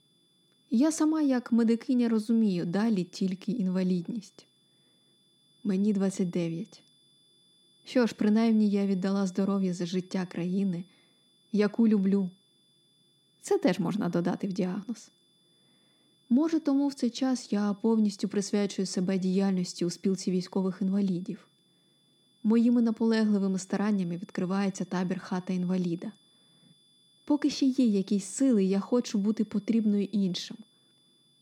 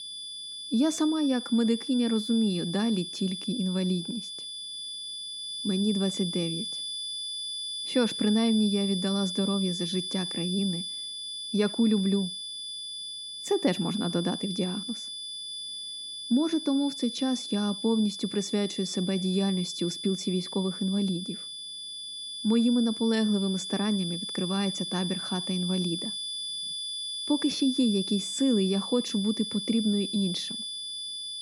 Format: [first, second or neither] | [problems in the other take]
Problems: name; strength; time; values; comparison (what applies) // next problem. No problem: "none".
first | high-pitched whine; loud; throughout; 3.5 kHz, 5 dB below the speech; faint in the first